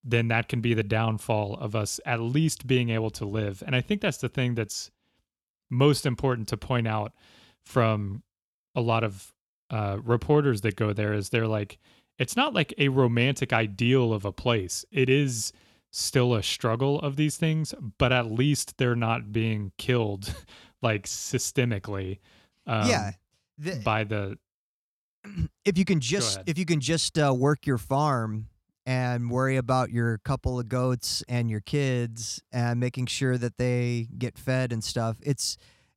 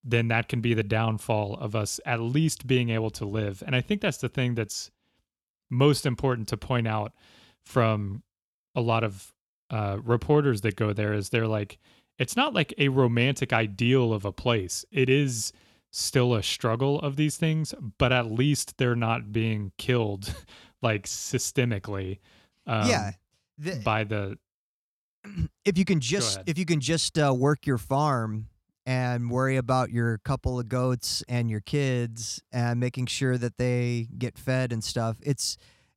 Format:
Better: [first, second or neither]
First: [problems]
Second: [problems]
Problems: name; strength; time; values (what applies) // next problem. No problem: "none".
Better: neither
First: none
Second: none